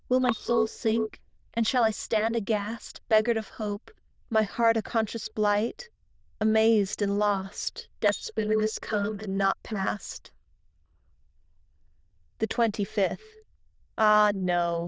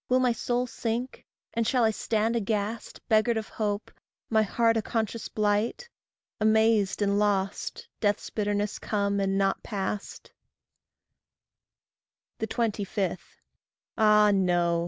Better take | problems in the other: second | noise reduction (neural diffusion model UNIVERSE++)

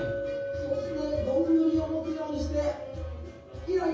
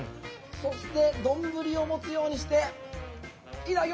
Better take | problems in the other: second | background sound (Chink, clink); 8 dB below the speech // room echo; dies away in 0.6 s

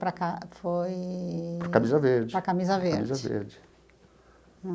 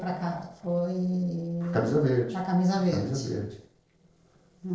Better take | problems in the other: first | noise reduction (neural separator model SepFormer DNS4)

